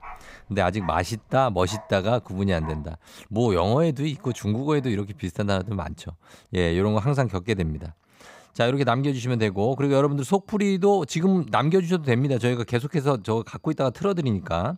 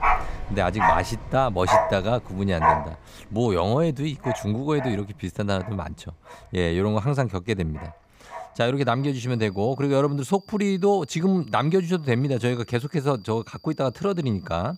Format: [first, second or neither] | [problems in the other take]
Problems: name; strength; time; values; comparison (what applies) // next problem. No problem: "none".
first | animal sounds; loud; throughout; 1 dB below the speech; faint in the first